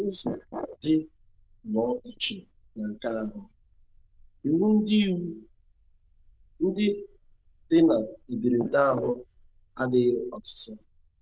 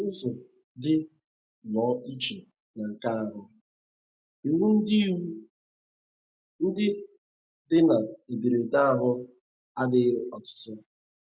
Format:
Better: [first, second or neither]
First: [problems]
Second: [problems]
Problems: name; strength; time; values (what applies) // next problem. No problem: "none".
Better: second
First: noise reduction (neural diffusion model UNIVERSE++)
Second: none